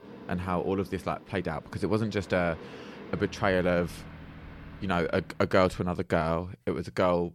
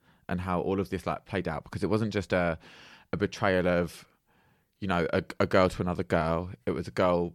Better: second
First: train or aircraft noise; noticeable; until 5 s; 15 dB below the speech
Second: none

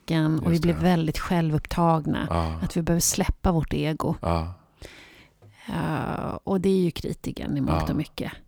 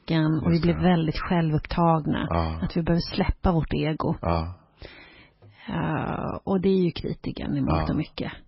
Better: first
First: none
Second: garbled, watery; badly; nothing above 5.5 kHz

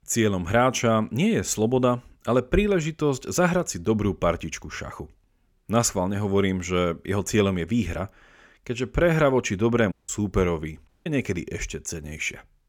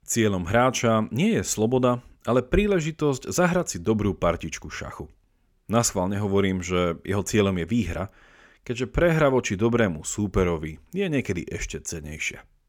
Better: second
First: audio cutting out; at 10 s and at 11 s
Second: none

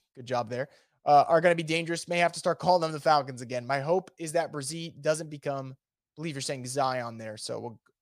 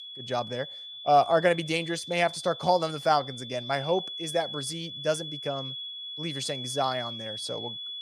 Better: first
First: none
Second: high-pitched whine; loud; throughout; 3.5 kHz, 8 dB below the speech

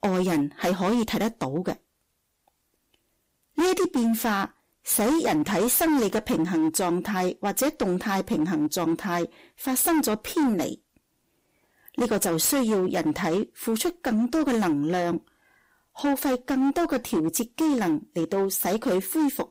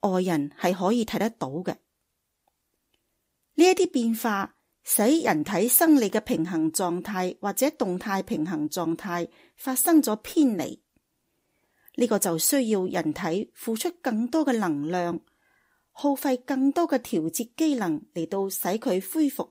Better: second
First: distortion; heavy; 15% of the sound clipped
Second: none

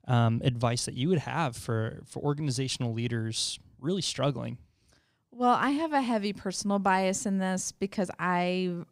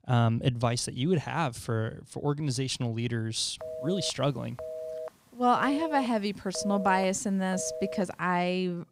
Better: first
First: none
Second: phone ringing; noticeable; from 3.5 to 8 s; peak 8 dB below the speech

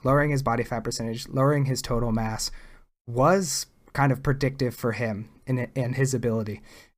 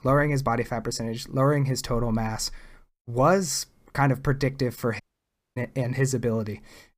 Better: first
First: none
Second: audio cutting out; at 5 s for 0.5 s

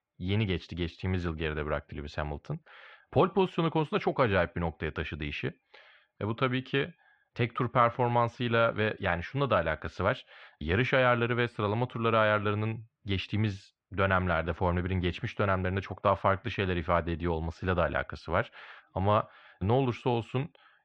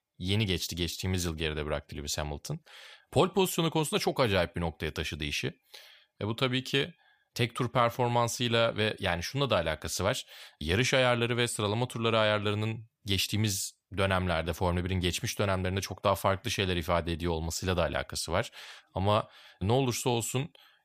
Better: second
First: muffled; very; fading above 2.5 kHz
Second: none

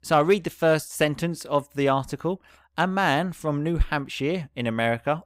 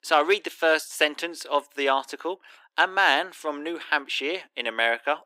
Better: first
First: none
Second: thin; very; fading below 300 Hz

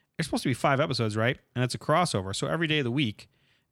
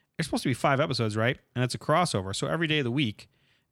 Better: neither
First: none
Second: none

